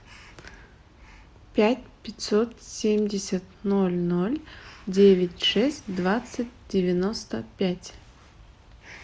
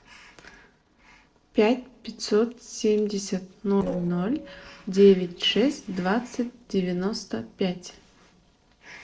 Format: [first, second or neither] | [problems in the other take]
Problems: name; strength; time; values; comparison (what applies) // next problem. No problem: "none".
first | noise reduction (neural separator model SepFormer DNS4)